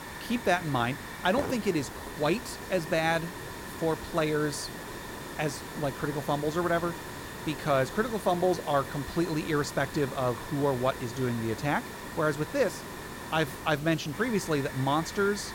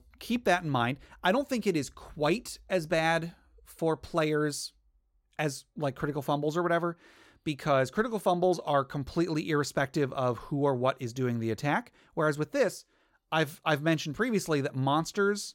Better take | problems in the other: second | hiss; loud; throughout; 10 dB below the speech

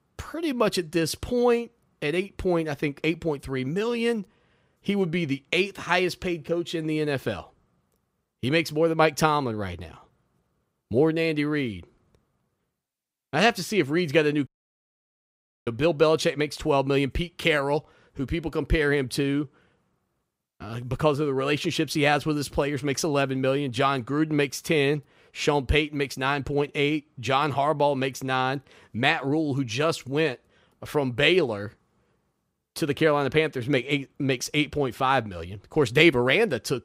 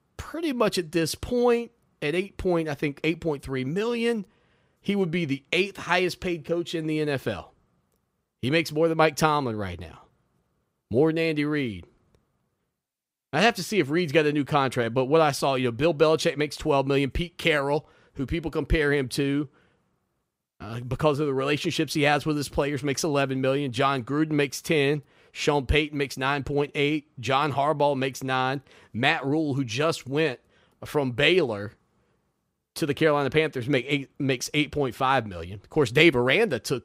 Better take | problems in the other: second | audio cutting out; at 14 s for 1 s

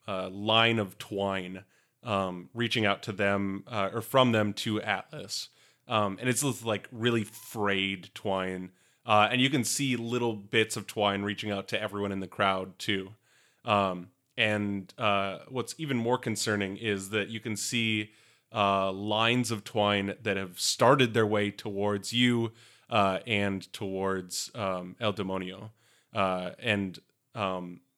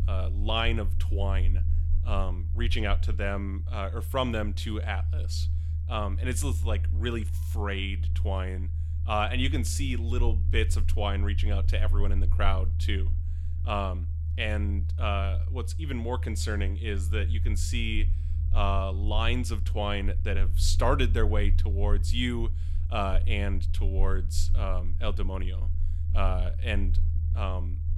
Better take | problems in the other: first | low rumble; noticeable; throughout; 15 dB below the speech

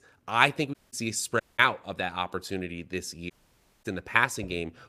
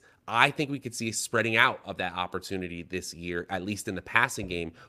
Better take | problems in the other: second | audio cutting out; at 0.5 s, at 1.5 s and at 3.5 s for 0.5 s

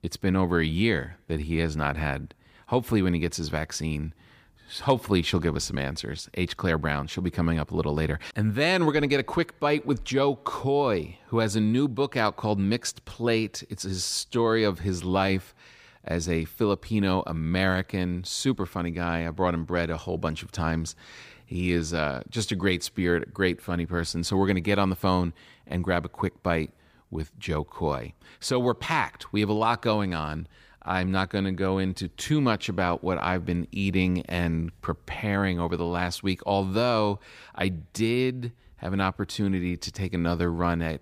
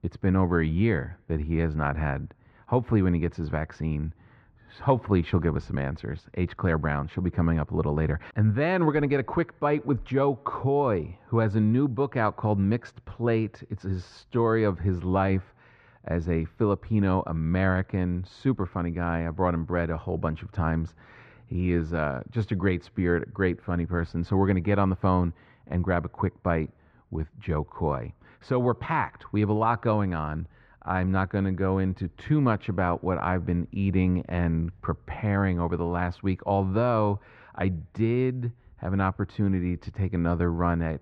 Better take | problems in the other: first | muffled; very; fading above 1.5 kHz

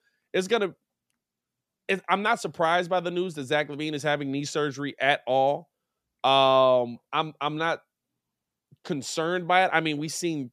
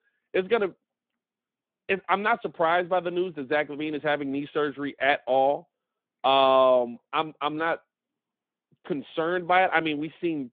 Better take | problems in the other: first | phone-call audio; nothing above 3.5 kHz

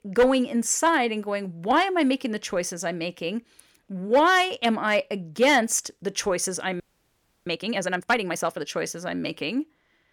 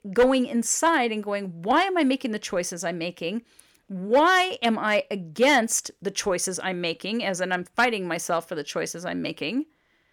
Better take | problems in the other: second | audio freezing; at 7 s for 0.5 s

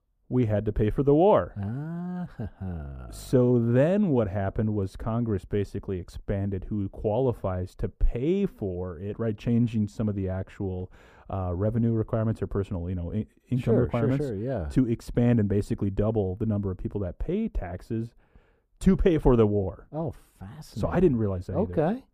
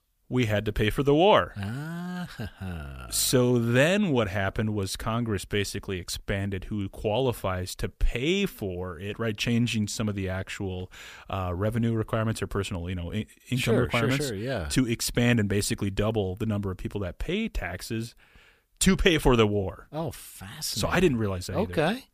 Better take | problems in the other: second | muffled; very; fading above 1.5 kHz

